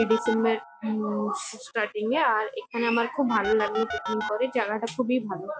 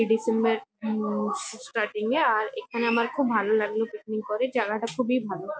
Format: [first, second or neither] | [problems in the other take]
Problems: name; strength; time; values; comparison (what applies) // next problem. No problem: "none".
second | background sound (Telephone); 11 dB below the speech